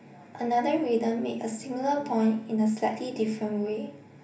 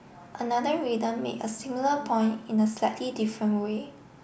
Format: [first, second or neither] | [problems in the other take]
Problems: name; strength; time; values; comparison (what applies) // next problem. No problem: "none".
second | room echo; dies away in 0.3 s